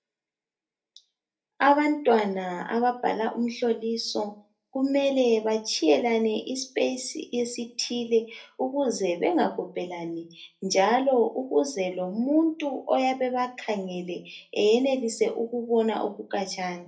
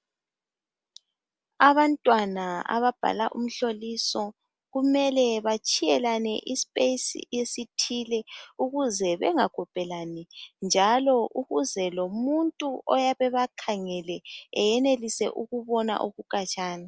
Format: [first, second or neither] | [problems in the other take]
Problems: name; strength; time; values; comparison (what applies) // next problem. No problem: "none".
second | room echo; dies away in 0.3 s